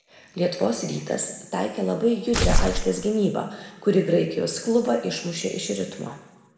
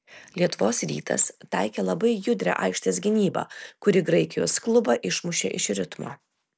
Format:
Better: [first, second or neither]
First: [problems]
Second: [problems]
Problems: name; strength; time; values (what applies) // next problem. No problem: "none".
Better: second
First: background sound (Tearing); 3 dB above the speech // room echo; dies away in 1 s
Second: none